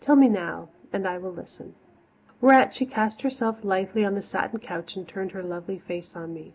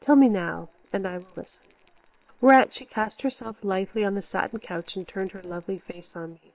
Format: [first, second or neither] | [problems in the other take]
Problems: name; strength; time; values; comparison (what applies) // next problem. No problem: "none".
first | noise reduction (neural separator model SepFormer WHAM!)